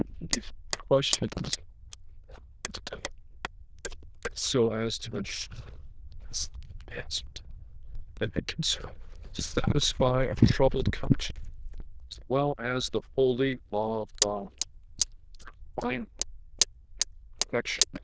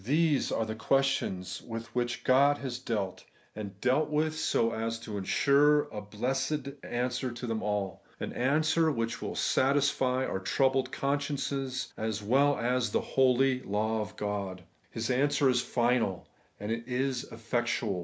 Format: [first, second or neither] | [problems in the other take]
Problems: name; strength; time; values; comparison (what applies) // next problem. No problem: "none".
second | noise reduction (neural diffusion model UNIVERSE++)